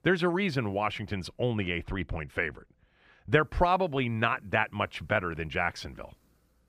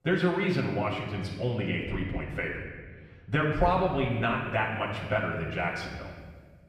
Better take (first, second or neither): first